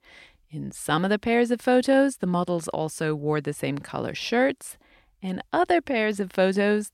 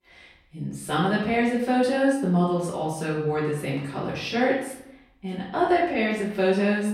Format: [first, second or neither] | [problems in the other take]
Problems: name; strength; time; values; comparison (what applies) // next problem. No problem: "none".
first | off-mic speech; far // room echo; noticeable; dies away in 0.7 s